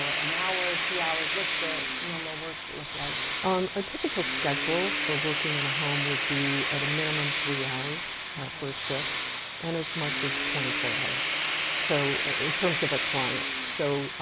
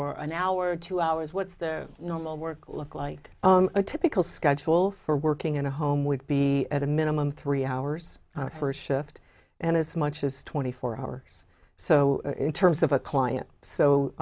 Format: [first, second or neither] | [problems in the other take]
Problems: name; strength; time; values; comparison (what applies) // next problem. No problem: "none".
second | background sound (Tools); 3 dB above the speech